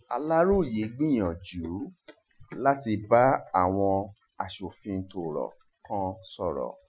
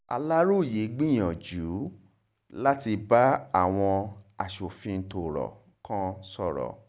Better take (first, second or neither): second